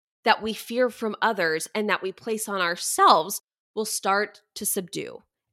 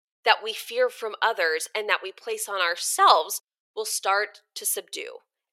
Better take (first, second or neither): first